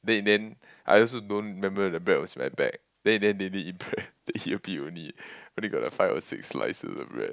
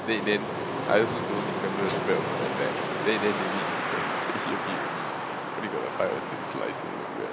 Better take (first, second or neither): first